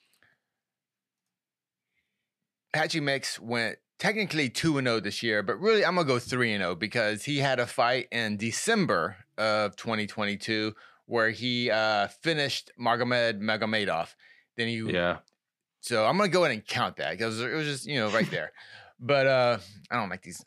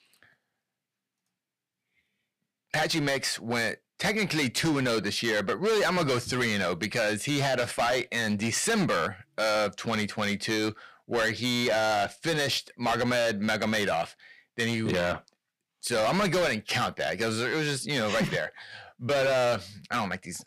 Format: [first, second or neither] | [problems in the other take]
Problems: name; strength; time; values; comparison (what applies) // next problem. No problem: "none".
first | distortion; heavy; 13% of the sound clipped